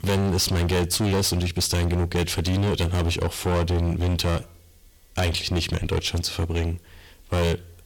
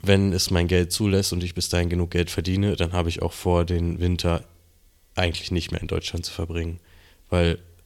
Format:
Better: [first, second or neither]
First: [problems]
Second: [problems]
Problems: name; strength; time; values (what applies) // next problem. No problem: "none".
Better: second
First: distortion; heavy; 22% of the sound clipped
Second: none